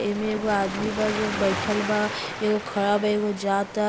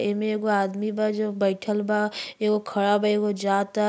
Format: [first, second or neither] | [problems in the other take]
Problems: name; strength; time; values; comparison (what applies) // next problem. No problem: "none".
second | background sound (Waves, surf); 7 dB below the speech